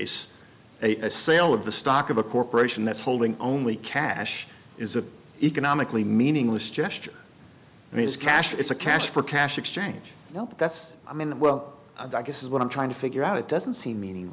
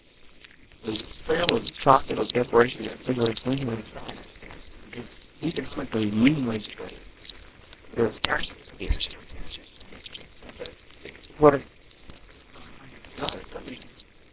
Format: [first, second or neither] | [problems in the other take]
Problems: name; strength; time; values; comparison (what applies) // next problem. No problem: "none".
first | noise reduction (neural separator model SepFormer WHAMR!)